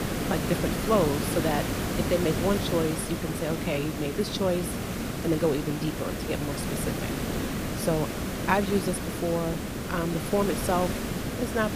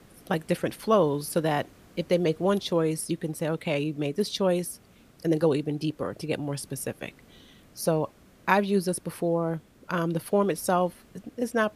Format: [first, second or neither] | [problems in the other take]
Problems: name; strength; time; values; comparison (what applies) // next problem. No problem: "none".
second | hiss; loud; throughout; 2 dB below the speech; faint in the second